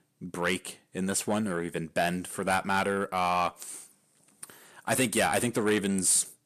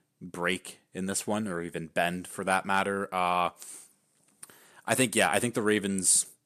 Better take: second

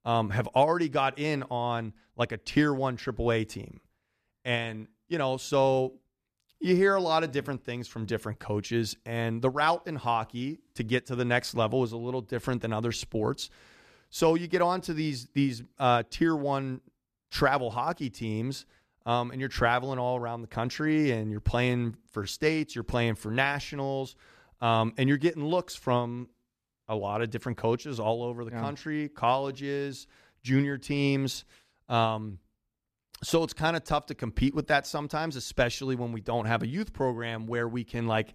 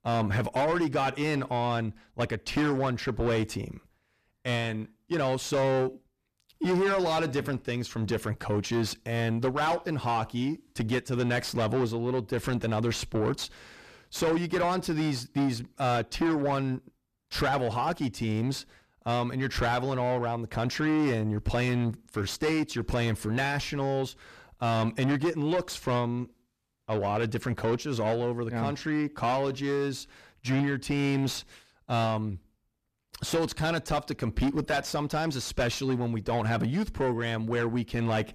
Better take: first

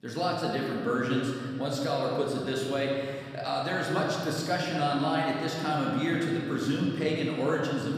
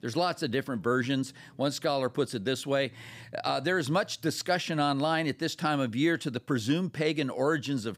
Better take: second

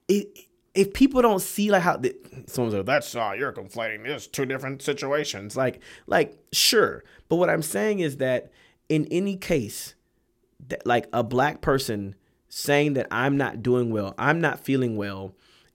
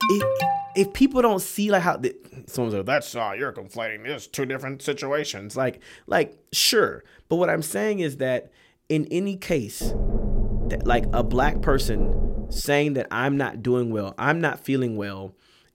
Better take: first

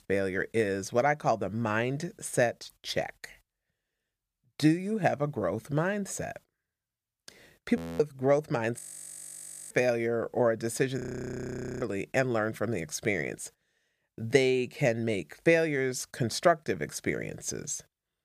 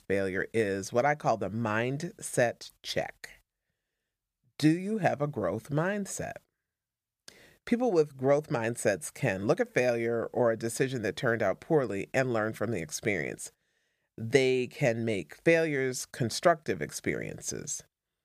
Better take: second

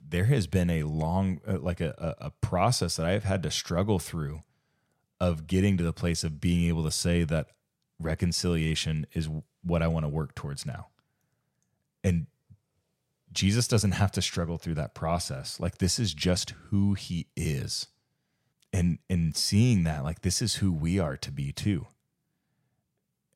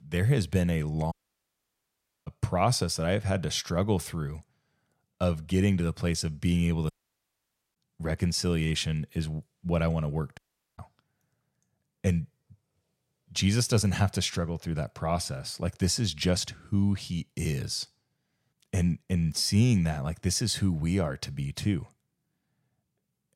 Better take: first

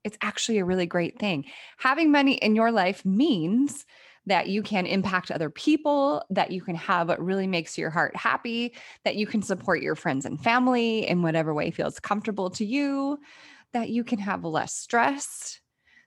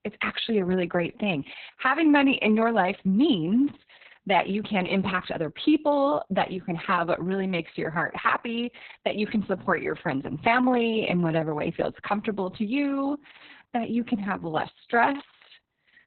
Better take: first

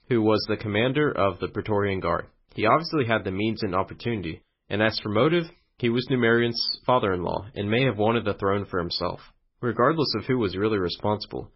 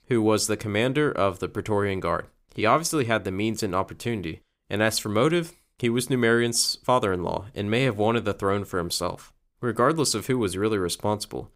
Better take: second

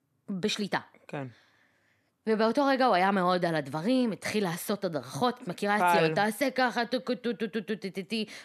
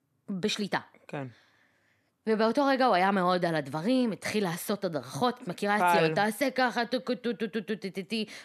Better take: neither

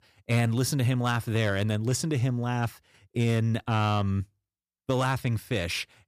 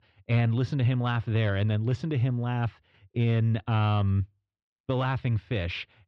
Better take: first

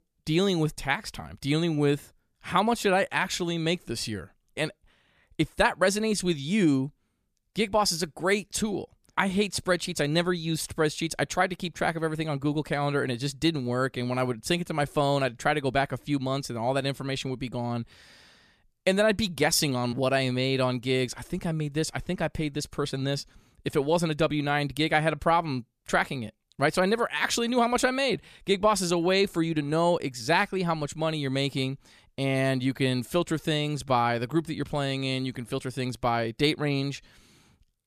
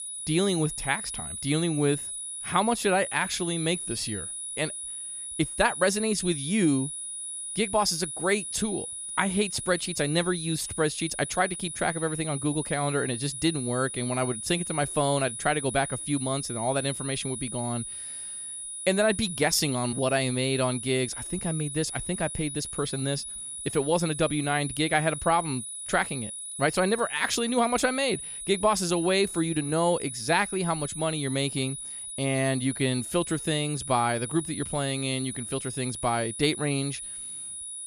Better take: first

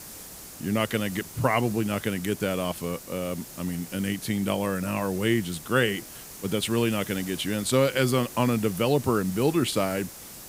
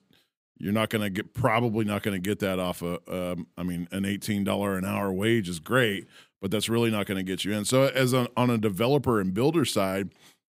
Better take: second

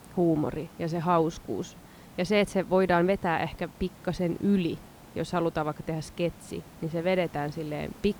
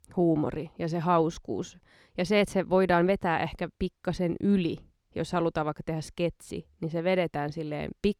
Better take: second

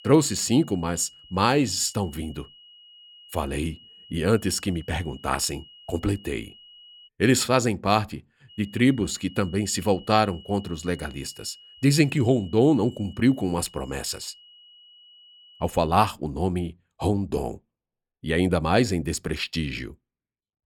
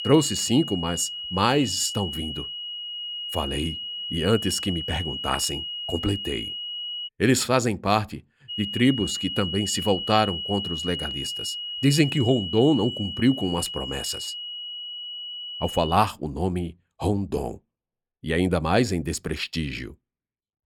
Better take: first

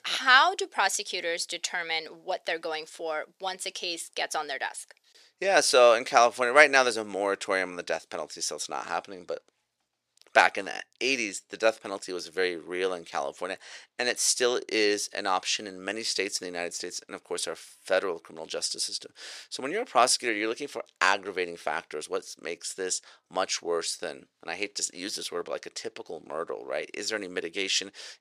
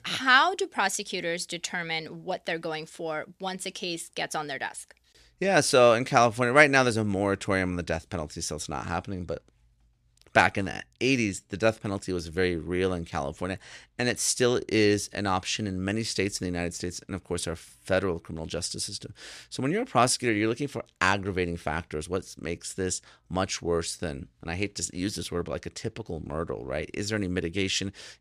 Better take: second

